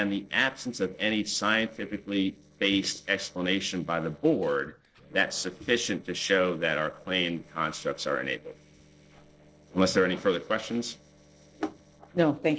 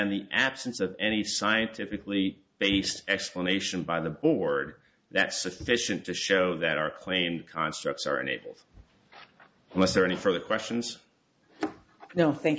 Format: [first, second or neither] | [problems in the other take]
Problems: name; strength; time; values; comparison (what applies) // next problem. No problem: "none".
second | noise reduction (neural separator model SepFormer DNS4)